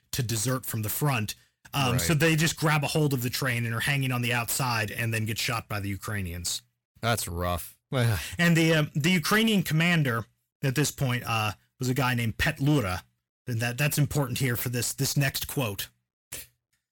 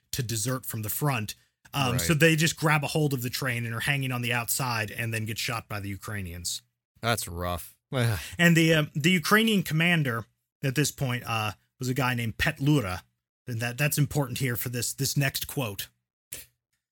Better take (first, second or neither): second